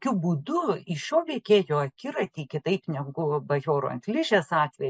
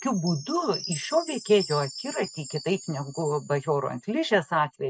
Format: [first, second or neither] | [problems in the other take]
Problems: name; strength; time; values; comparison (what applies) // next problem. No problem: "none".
first | background sound (Chime); 13 dB below the speech